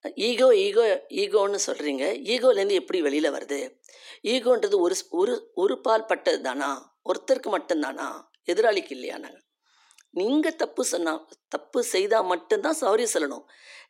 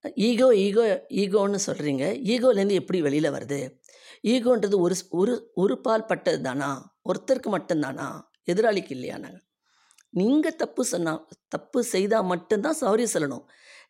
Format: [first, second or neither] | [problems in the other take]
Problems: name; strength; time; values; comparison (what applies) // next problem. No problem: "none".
second | thin; somewhat; fading below 300 Hz